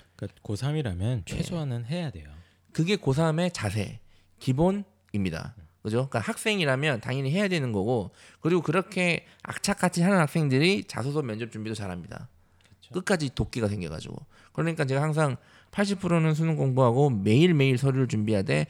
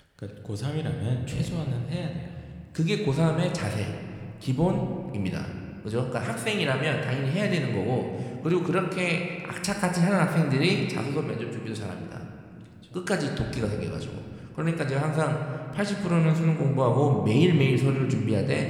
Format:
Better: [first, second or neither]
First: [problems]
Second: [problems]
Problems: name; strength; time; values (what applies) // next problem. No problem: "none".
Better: first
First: none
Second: room echo; slight; dies away in 1.8 s